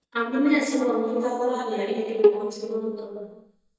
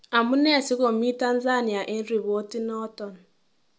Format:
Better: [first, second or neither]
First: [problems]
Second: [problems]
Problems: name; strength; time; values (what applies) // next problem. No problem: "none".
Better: second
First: noise reduction (neural mask model DeepFilterNet 3)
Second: none